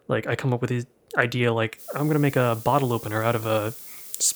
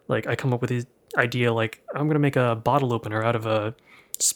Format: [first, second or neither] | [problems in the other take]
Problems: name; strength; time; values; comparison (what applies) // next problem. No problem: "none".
second | hiss; noticeable; from 2 s on; 15 dB below the speech